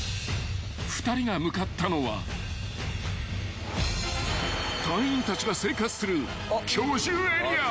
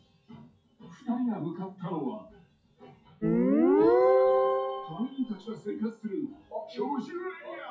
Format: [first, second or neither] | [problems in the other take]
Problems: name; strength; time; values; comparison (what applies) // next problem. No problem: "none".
first | noise reduction (classical method WPE with log-MMSE)